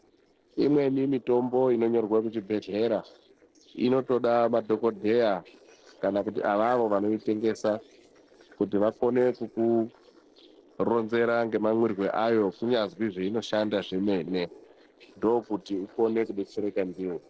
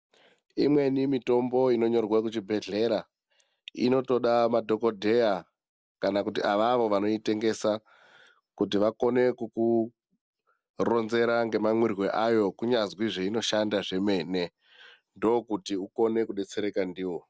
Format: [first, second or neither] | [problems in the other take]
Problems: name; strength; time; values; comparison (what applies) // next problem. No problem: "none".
second | noise reduction (neural separator model SepFormer DNS4)